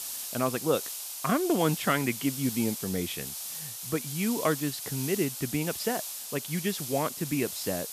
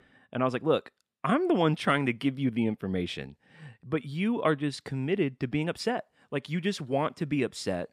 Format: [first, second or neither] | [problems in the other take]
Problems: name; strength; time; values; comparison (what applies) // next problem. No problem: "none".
second | hiss; loud; throughout; 5 dB below the speech